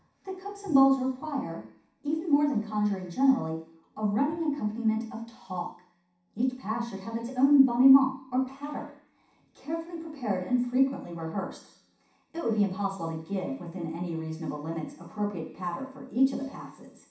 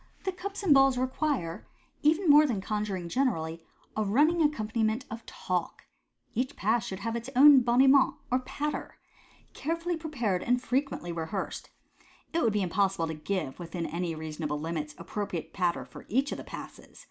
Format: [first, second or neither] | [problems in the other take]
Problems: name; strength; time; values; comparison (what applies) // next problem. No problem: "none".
second | room echo; dies away in 0.7 s